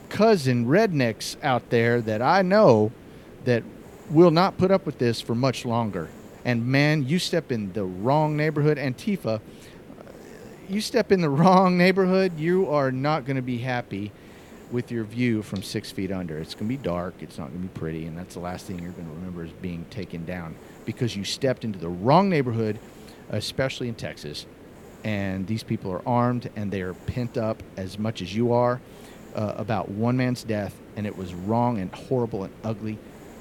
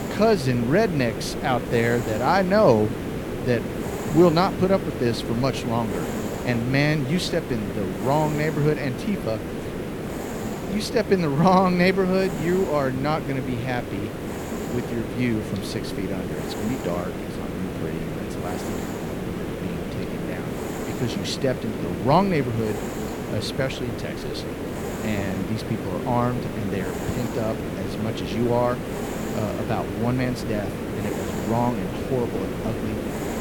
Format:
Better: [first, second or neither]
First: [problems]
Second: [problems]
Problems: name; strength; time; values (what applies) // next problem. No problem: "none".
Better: first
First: hiss; faint; throughout; 20 dB below the speech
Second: hiss; loud; throughout; 5 dB below the speech